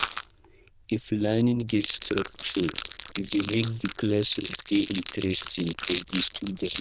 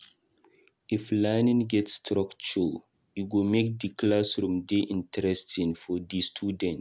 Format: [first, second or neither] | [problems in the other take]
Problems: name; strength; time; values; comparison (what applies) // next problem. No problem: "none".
second | noise reduction (neural diffusion model UNIVERSE++)